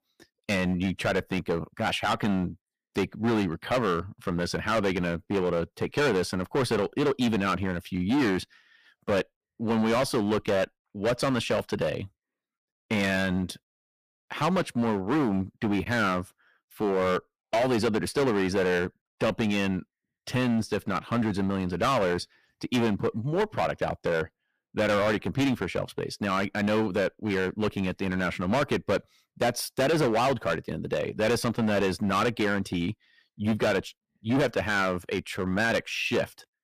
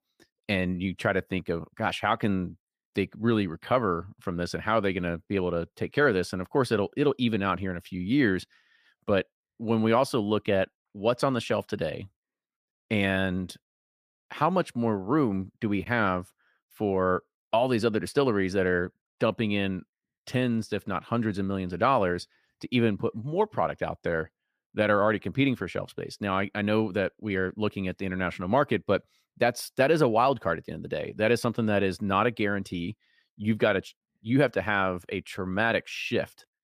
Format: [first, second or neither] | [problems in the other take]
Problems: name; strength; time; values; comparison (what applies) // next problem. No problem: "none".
second | distortion; heavy; 13% of the sound clipped